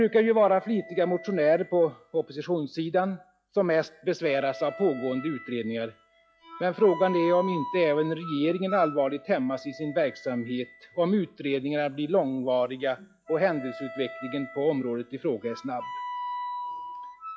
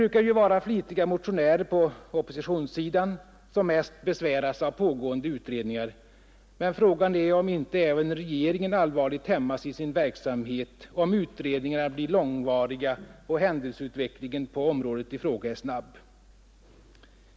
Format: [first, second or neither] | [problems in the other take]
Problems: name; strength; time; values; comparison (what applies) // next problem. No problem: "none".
second | noise reduction (classical method log-MMSE)